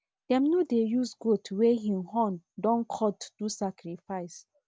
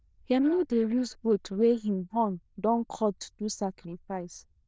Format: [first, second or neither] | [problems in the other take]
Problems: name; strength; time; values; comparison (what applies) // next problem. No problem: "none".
first | noise reduction (neural diffusion model UNIVERSE++)